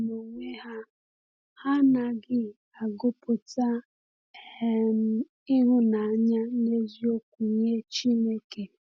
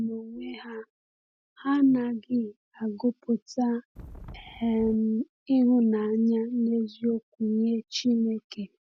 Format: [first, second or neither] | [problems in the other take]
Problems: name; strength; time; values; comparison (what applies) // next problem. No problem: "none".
first | background sound (Wind); 17 dB below the speech